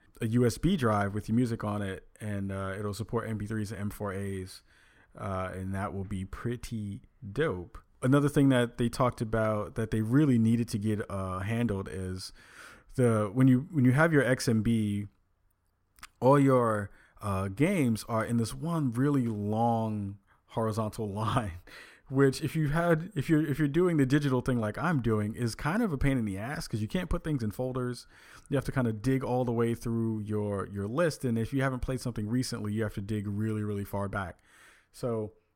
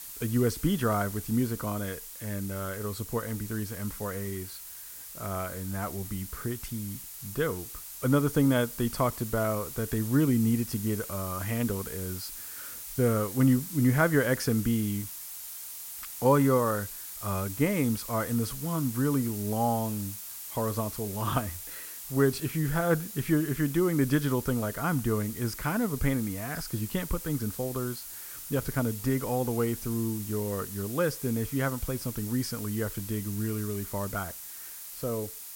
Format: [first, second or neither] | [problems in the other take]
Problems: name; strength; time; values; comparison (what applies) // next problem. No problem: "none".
first | hiss; loud; throughout; 9 dB below the speech